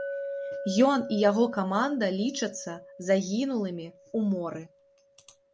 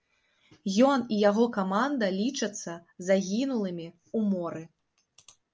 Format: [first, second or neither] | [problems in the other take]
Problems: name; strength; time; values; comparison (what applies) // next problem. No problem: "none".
second | background sound (Chink, clink); 12 dB below the speech